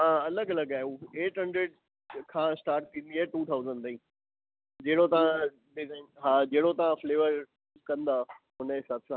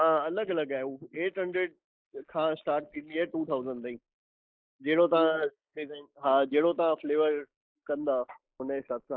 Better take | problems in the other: first | noise reduction (neural mask model Resemble Enhance denoiser)

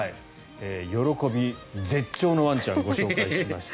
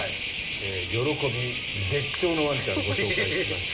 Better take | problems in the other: first | background sound (Cricket); 2 dB below the speech // room echo; dies away in 0.4 s

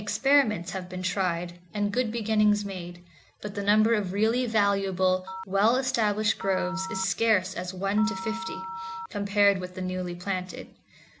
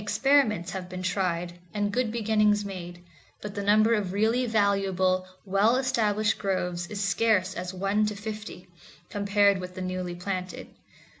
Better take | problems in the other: second | background sound (Telephone); 11 dB below the speech

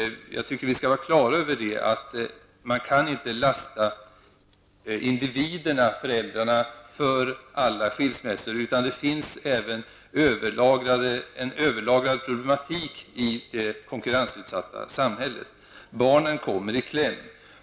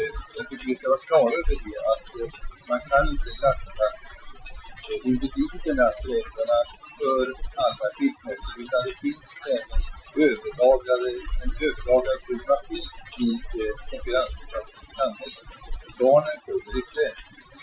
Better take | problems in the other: first | noise reduction (classical method Wiener filter)

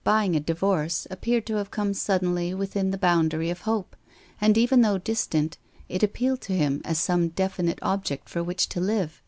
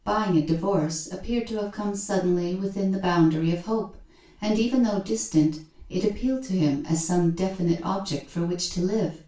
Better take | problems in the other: first | room echo; dies away in 0.3 s

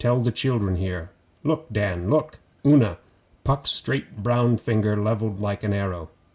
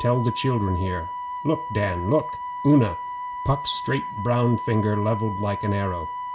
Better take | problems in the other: first | background sound (Wind instrument, woodwind instrument); 7 dB below the speech

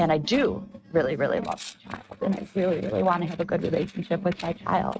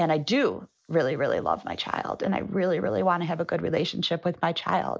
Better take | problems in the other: second | noise reduction (neural mask model RNNoise)

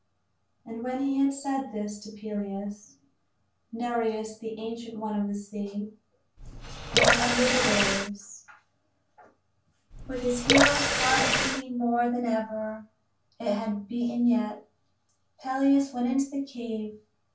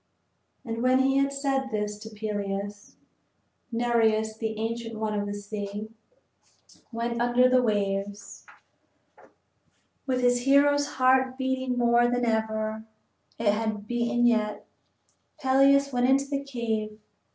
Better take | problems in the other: second | background sound (Water tap, faucet / Water); 5 dB above the speech // room echo; dies away in 0.2 s

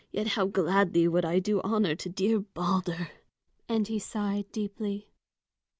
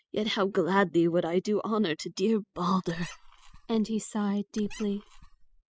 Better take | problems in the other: first | noise reduction (classical method spectral subtraction)

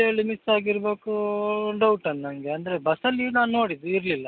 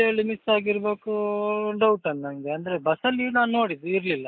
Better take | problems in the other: first | noise reduction (neural mask model Resemble Enhance denoiser)

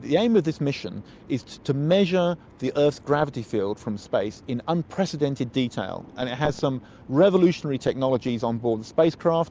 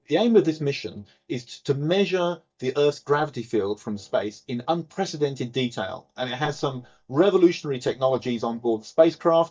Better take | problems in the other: first | noise reduction (neural mask model DeepFilterNet 3)

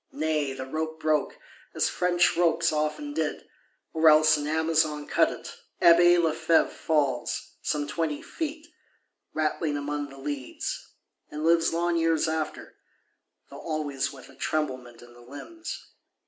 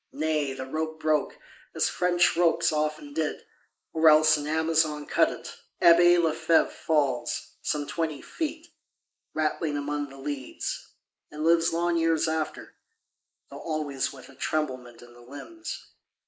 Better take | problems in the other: first | noise reduction (neural mask model Resemble Enhance denoiser)

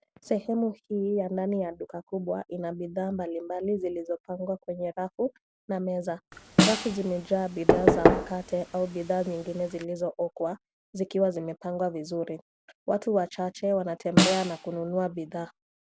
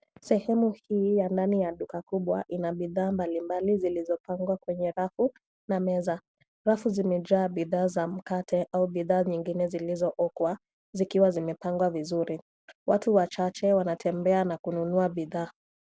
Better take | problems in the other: second | background sound (Knock / Wood + Snare drum); 4 dB above the speech

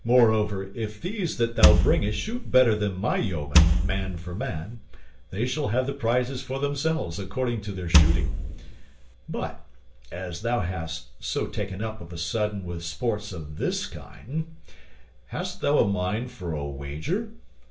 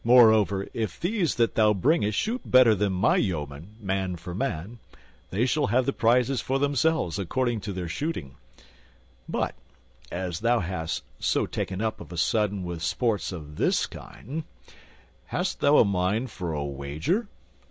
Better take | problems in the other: second | background sound (Wood); 5 dB above the speech // room echo; dies away in 0.3 s

